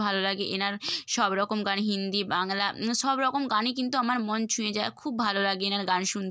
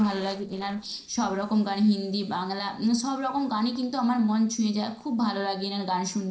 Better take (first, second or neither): first